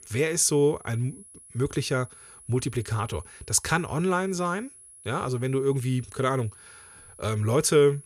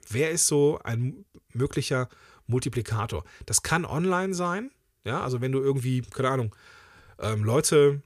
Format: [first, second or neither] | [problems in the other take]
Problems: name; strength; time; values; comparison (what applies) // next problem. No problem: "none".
second | high-pitched whine; faint; throughout; 10.5 kHz, 20 dB below the speech